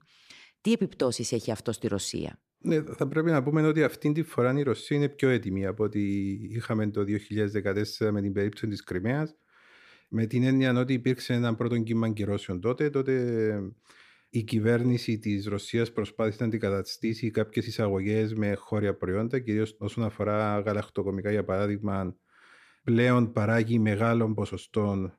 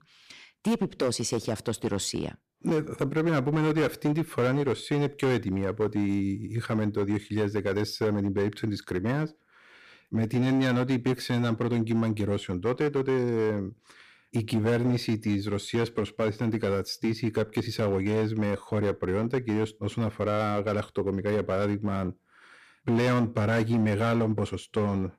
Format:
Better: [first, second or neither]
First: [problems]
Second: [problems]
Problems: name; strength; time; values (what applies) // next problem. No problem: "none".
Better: first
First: none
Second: distortion; slight; 10% of the sound clipped